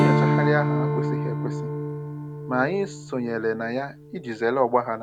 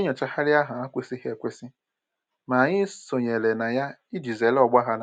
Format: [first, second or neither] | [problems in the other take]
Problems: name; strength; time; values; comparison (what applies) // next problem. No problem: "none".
second | background sound (Strum); 1 dB above the speech